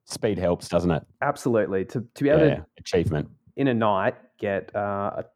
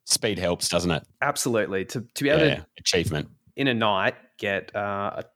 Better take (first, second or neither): second